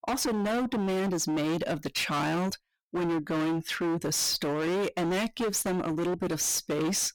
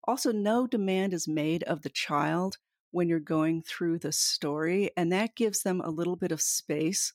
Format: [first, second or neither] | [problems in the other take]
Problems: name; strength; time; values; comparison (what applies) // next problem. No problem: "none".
second | distortion; heavy; 36% of the sound clipped